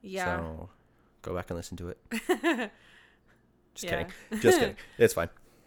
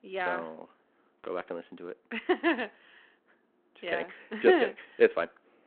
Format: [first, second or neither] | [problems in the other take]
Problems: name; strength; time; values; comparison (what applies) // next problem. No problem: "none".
first | phone-call audio